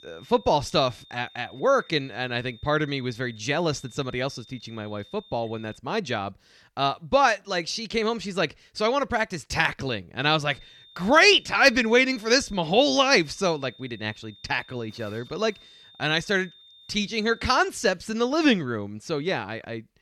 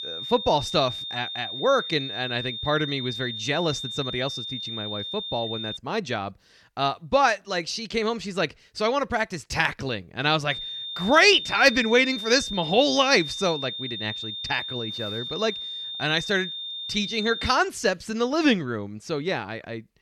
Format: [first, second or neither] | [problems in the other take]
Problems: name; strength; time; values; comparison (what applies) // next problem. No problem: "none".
first | high-pitched whine; loud; until 6 s and from 10 to 18 s; 3.5 kHz, 7 dB below the speech; faint in the first